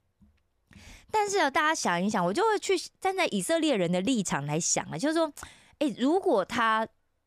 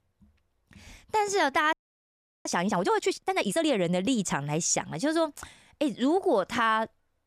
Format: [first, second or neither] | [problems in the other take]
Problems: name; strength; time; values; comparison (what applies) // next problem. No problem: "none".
first | audio freezing; at 1.5 s for 0.5 s